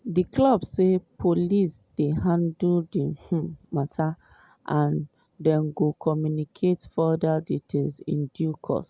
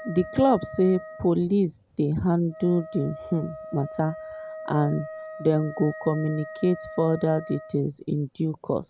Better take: first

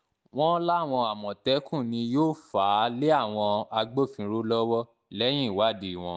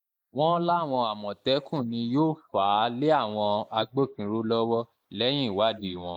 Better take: first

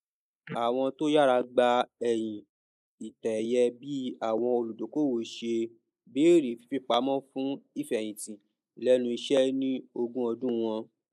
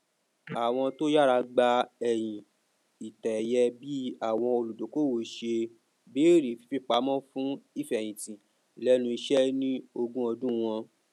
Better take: second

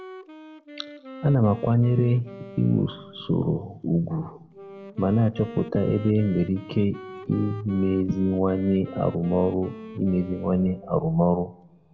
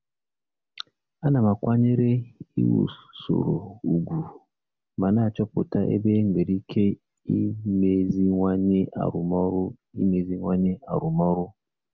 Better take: second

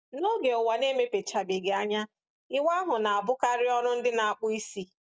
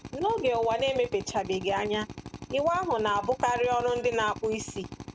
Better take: first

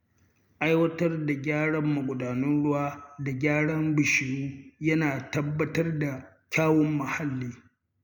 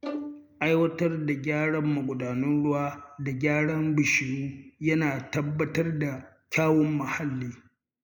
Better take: first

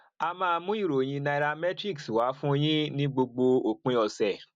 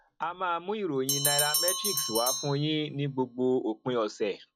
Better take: first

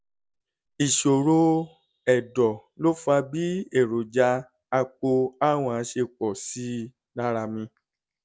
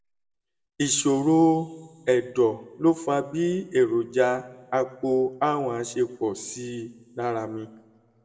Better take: first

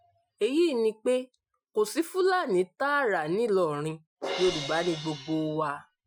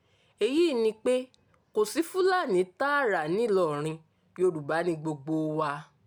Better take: second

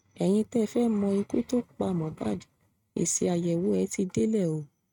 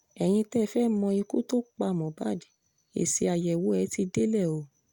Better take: second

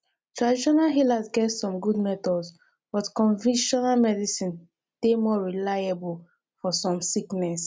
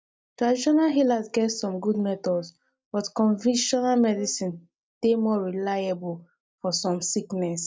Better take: first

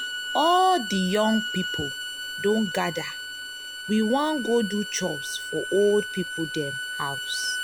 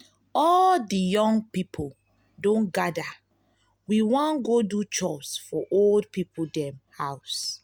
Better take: second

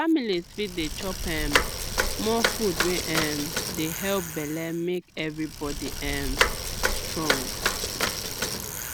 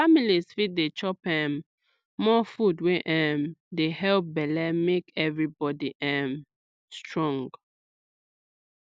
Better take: second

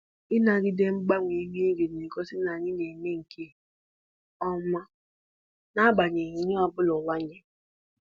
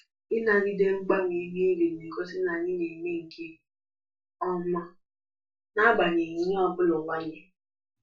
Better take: first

